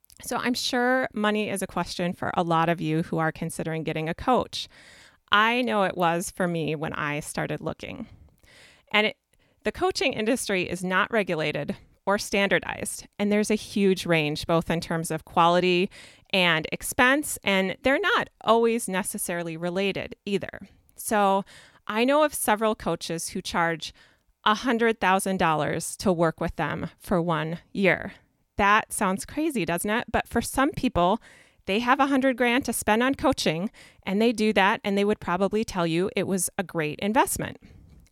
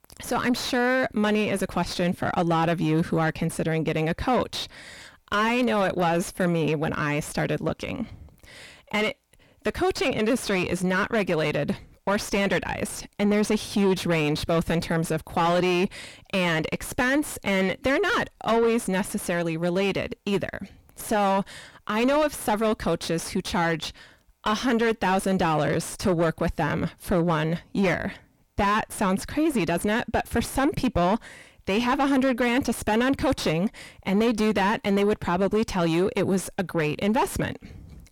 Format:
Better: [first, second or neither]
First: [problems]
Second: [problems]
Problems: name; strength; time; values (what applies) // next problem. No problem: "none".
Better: first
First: none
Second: distortion; heavy; 6 dB below the speech